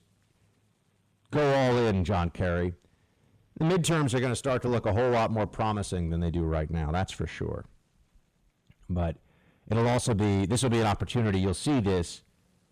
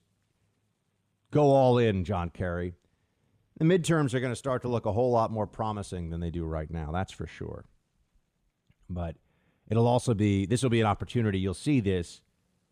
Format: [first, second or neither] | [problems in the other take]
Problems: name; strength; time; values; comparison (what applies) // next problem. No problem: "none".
second | distortion; heavy; 6 dB below the speech